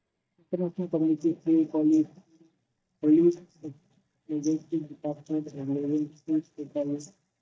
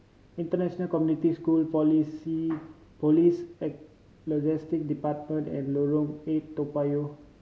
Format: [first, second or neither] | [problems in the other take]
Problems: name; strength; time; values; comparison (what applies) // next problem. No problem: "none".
second | noise reduction (neural mask model DeepFilterNet 3)